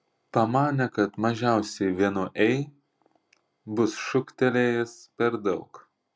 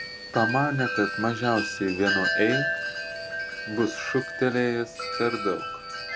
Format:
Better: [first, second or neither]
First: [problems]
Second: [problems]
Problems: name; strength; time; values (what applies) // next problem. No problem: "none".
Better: first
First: none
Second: background sound (Wind chime); 3 dB below the speech